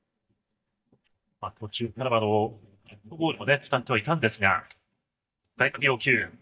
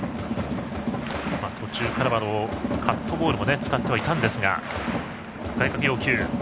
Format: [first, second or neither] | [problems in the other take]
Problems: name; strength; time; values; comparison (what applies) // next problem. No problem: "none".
second | noise reduction (neural mask model DeepFilterNet 3)